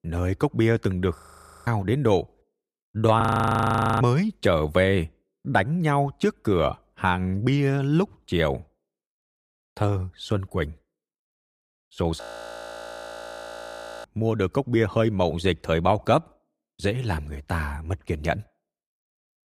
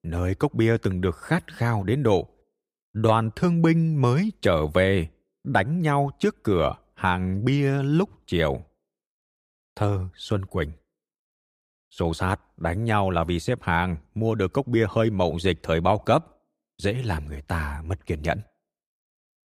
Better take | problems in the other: second | audio freezing; at 1 s, at 3 s for 1 s and at 12 s for 2 s

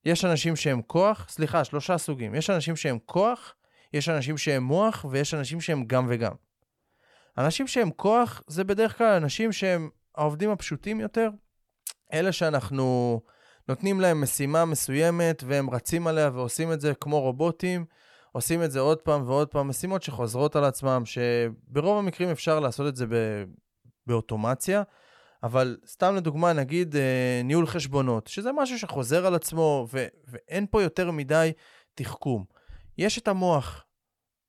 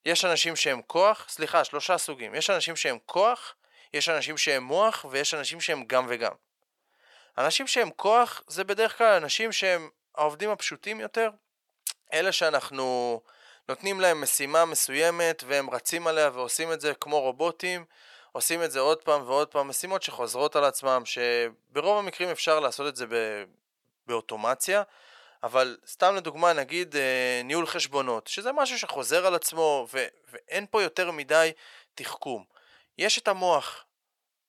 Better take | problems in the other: first | thin; very; fading below 550 Hz

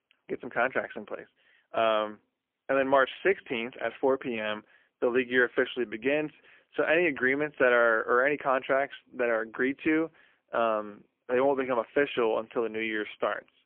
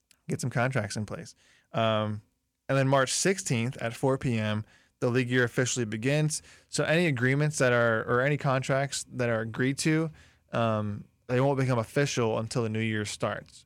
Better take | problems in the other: second | phone-call audio; poor line; nothing above 3.5 kHz

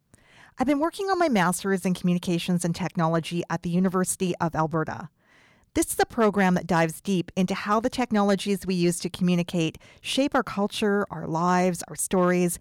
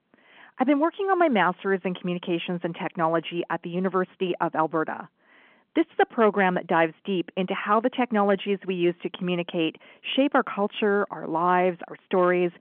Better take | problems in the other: first | phone-call audio

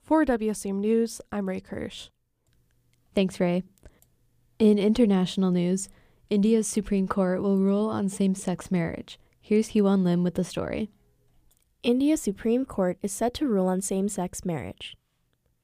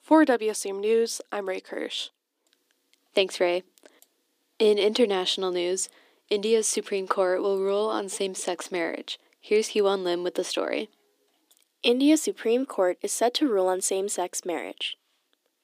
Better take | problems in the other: first | thin; somewhat; fading below 300 Hz

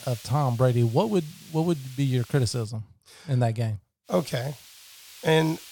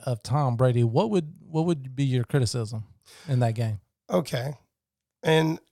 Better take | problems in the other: second | hiss; noticeable; until 2.5 s and from 4 s on; 20 dB below the speech

